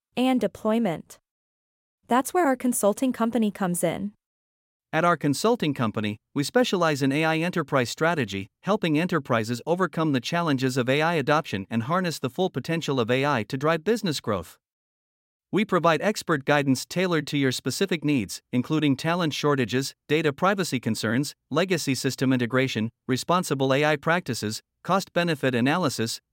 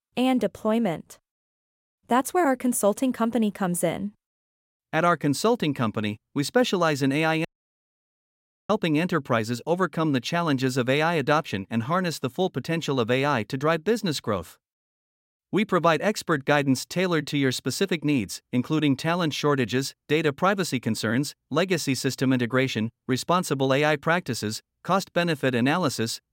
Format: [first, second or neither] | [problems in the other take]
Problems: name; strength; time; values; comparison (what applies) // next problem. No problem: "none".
first | audio cutting out; at 7.5 s for 1 s